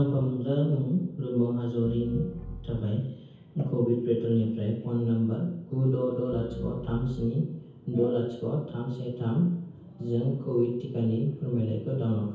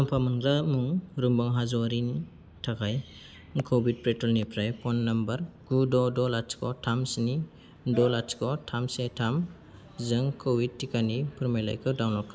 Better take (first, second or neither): second